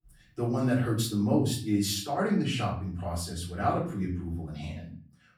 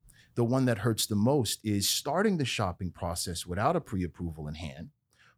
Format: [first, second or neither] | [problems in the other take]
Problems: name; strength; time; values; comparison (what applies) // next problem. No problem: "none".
second | off-mic speech; far // room echo; slight; dies away in 0.5 s